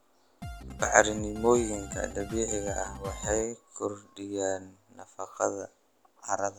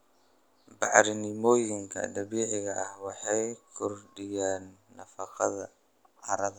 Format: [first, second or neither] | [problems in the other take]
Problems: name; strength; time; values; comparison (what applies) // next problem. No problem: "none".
second | background sound (Drum kit); 9 dB below the speech